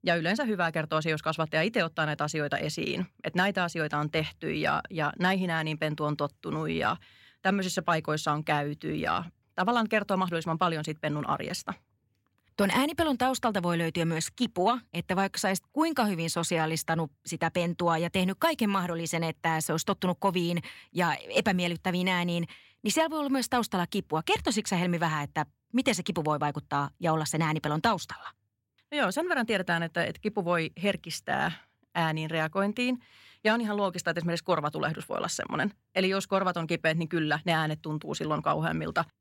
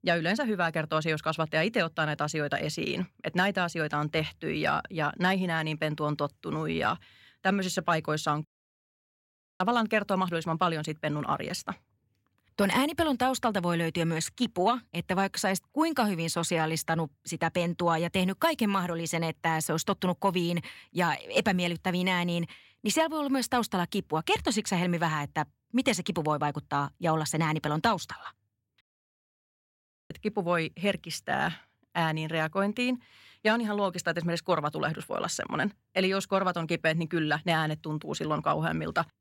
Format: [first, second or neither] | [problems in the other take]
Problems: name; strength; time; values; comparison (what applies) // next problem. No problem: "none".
first | audio cutting out; at 8.5 s for 1 s and at 29 s for 1.5 s